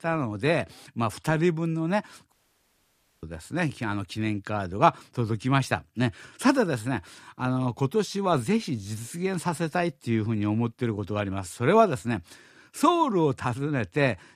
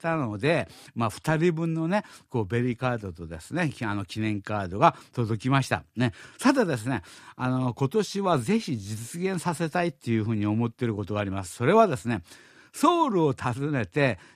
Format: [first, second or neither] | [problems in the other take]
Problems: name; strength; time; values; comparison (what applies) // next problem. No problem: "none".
second | audio cutting out; at 2.5 s for 1 s